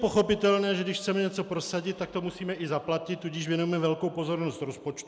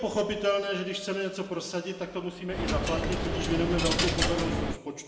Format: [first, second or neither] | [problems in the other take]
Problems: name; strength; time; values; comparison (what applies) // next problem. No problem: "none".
first | background sound (Coin (dropping)); 2 dB above the speech // room echo; dies away in 1.2 s